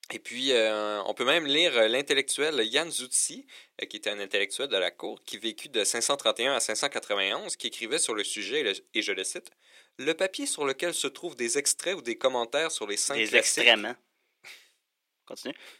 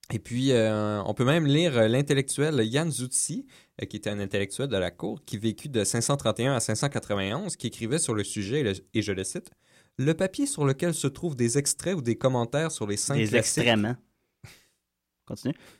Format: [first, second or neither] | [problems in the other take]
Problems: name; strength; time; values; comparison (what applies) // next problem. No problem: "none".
second | thin; somewhat; fading below 400 Hz